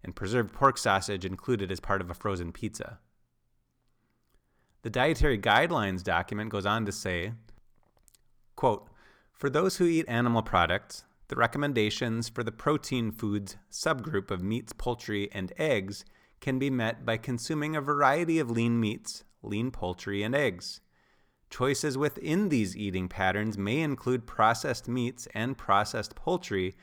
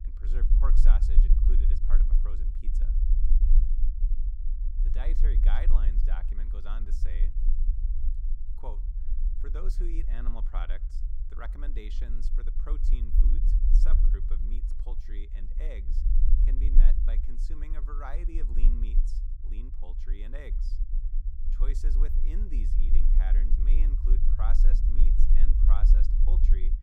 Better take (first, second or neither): first